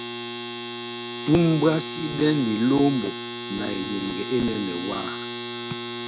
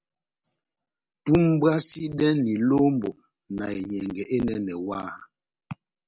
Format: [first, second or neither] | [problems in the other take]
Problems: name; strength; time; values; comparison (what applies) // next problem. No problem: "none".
second | background sound (Domestic sounds, home sounds); 7 dB below the speech